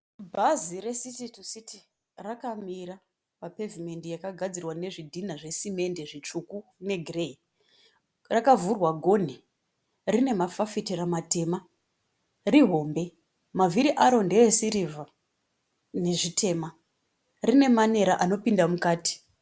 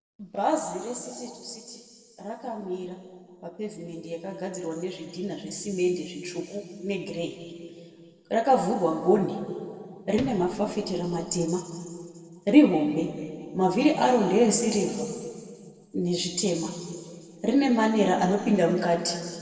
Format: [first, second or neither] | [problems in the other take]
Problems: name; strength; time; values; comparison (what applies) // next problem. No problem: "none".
first | noise reduction (neural separator model SepFormer DNS4)